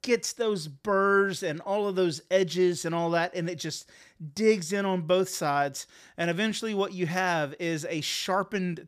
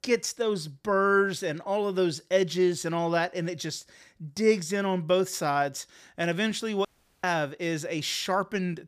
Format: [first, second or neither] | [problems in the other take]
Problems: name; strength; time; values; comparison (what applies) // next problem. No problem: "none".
first | audio cutting out; at 7 s